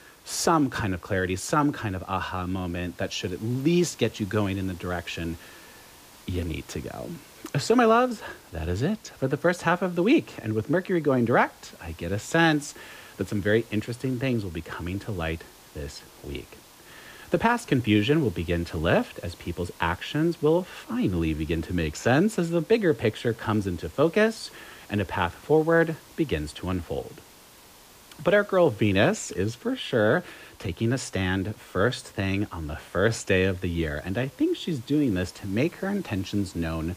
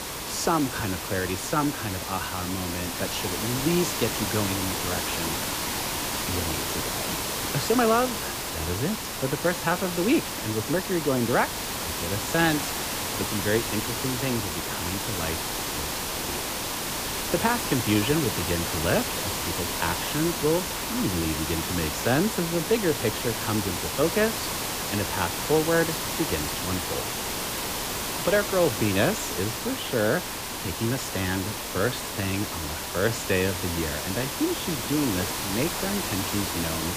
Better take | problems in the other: first | hiss; loud; throughout; 1 dB below the speech; faint in the first

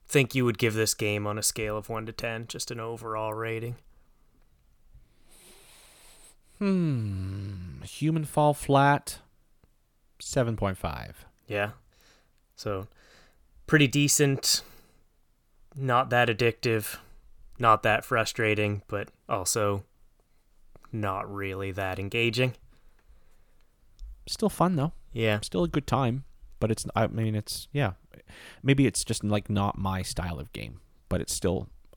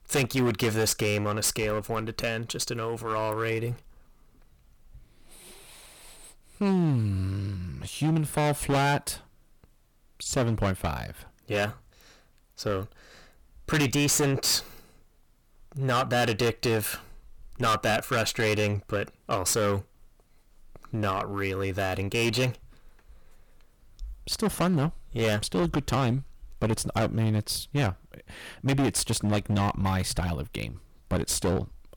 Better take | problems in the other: first | distortion; heavy; 12% of the sound clipped

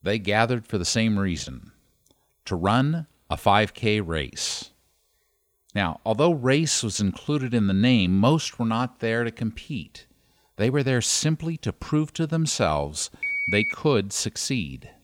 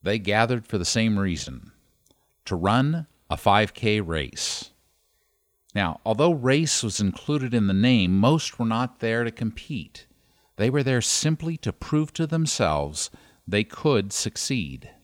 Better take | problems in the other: second | phone ringing; loud; at 13 s; peak level with the speech

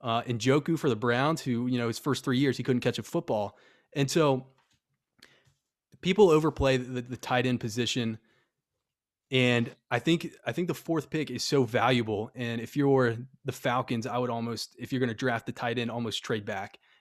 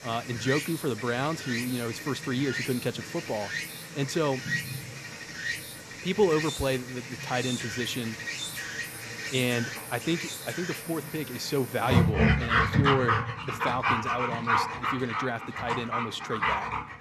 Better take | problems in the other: first | animal sounds; very loud; throughout; as loud as the speech

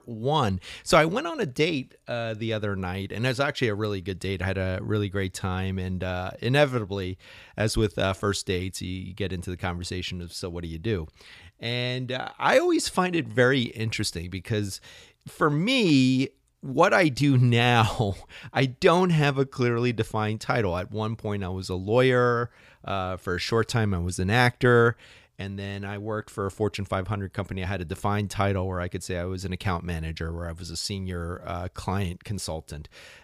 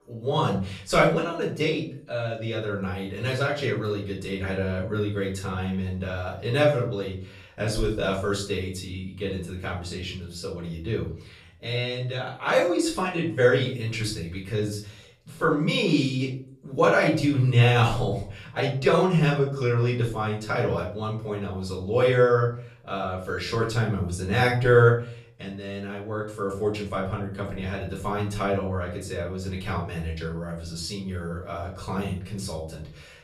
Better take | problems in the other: first | off-mic speech; far // room echo; slight; dies away in 0.4 s

